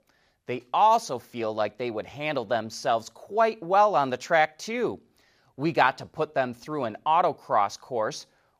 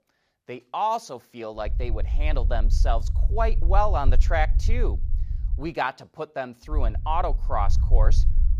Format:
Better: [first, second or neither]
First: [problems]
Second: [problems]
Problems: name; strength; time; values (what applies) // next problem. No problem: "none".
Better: first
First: none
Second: low rumble; noticeable; from 1.5 to 5.5 s and from 7 s on; 20 dB below the speech